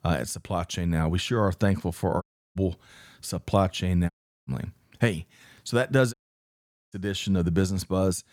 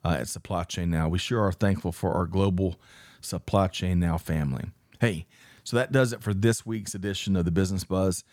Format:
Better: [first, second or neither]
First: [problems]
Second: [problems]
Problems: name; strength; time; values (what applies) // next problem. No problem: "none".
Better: second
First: audio cutting out; at 2 s, at 4 s and at 6 s for 1 s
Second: none